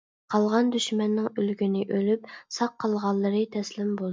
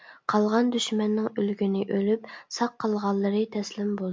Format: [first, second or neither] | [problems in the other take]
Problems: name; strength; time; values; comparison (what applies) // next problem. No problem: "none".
second | noise reduction (neural mask model DeepFilterNet 3)